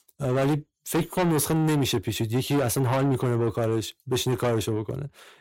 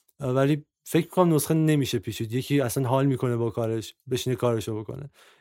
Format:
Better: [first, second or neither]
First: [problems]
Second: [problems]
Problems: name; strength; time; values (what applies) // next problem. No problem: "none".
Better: second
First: distortion; heavy; 7 dB below the speech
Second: none